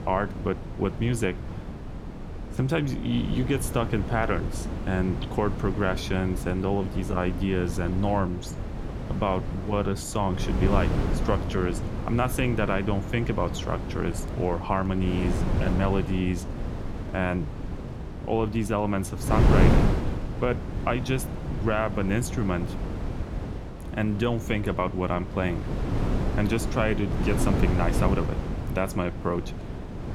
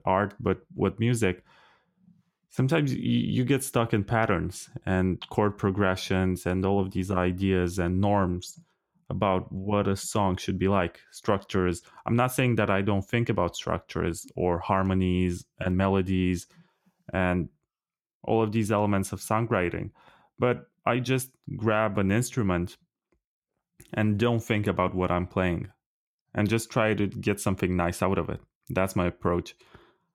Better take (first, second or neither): second